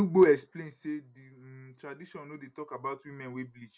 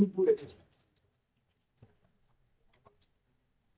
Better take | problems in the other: first | noise reduction (neural mask model DeepFilterNet 3)

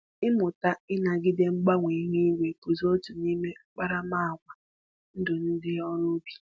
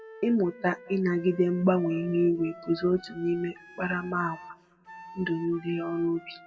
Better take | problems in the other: first | background sound (Wind instrument, woodwind instrument); 19 dB below the speech // room echo; dies away in 1.5 s

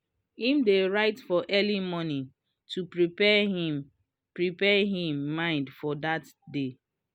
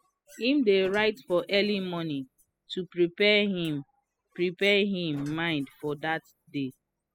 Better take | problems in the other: first | noise reduction (classical method spectral subtraction)

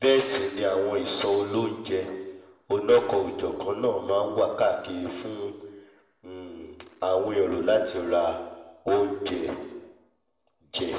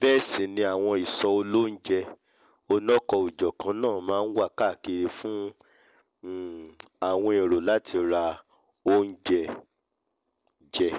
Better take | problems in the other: second | room echo; dies away in 1 s

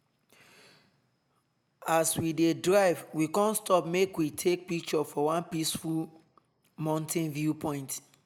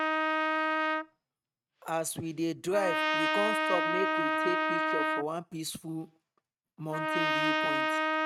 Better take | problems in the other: first | noise reduction (neural mask model RNNoise)

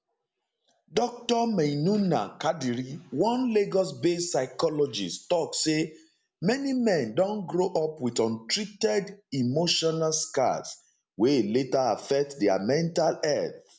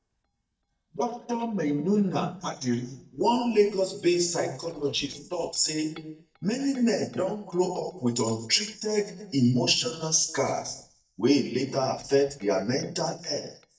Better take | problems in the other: first | noise reduction (neural mask model DeepFilterNet 3)

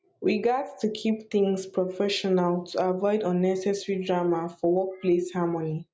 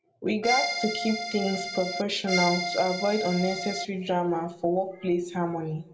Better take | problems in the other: first | background sound (Accordion); 3 dB below the speech // room echo; dies away in 1.3 s

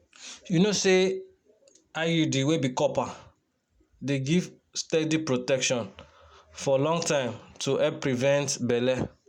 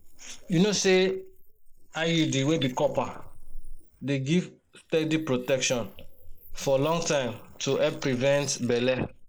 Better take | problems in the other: first | noise reduction (neural mask model Resemble Enhance denoiser)

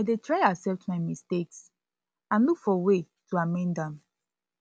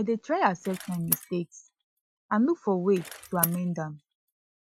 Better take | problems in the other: first | noise reduction (classical method Wiener filter)

